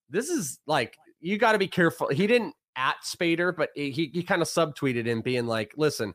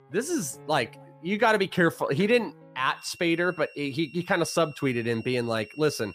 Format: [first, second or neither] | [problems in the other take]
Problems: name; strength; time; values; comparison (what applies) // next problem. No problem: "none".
first | background music; faint; throughout; 20 dB below the speech